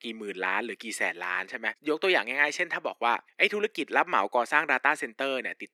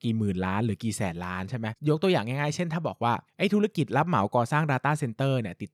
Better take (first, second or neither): second